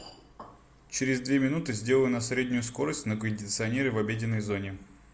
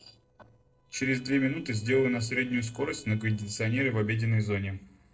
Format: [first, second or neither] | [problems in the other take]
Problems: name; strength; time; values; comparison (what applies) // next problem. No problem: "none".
first | noise reduction (neural separator model SepFormer DNS4)